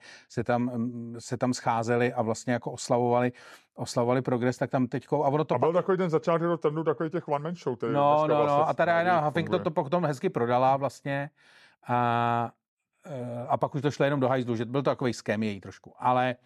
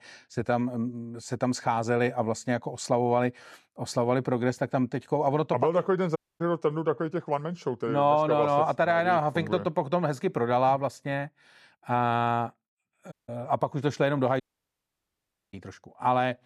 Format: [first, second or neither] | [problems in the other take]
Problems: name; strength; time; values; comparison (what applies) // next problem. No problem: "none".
first | audio cutting out; at 6 s, at 13 s and at 14 s for 1 s